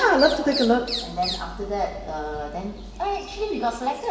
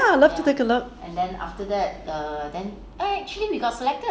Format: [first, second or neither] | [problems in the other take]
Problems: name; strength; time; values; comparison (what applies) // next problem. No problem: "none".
second | background sound (Bird vocalization, bird call, bird song); 12 dB below the speech // room echo; dies away in 2.2 s